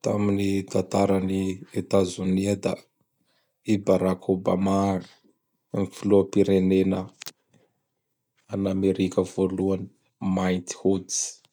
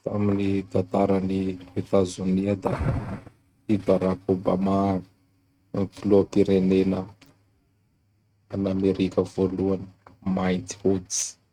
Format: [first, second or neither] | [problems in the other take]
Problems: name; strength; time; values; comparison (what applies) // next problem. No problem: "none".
first | noise reduction (neural mask model RNNoise)